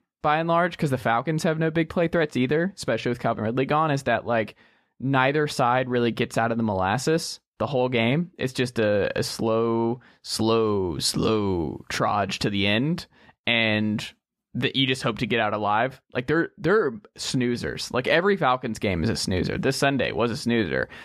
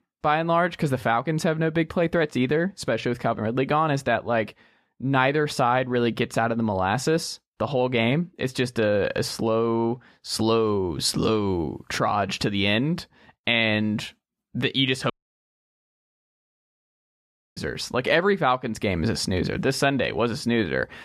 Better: first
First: none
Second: audio cutting out; at 15 s for 2.5 s

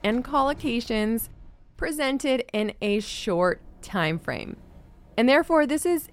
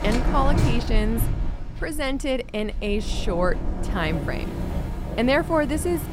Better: first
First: rain or running water; faint; throughout; 25 dB below the speech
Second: rain or running water; loud; throughout; 3 dB below the speech

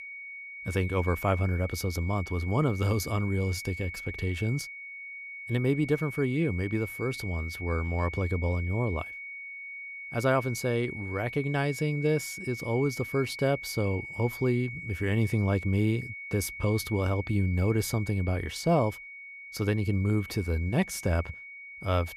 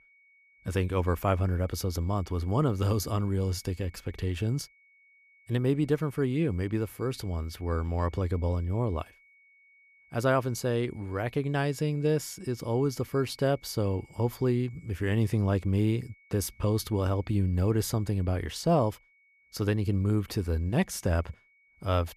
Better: second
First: high-pitched whine; loud; throughout; 2 kHz, 10 dB below the speech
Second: high-pitched whine; faint; throughout; 2 kHz, 30 dB below the speech

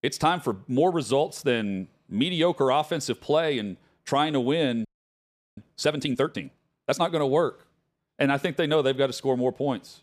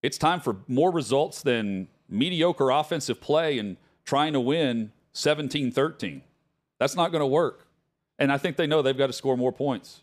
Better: second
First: audio freezing; at 5 s for 0.5 s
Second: none

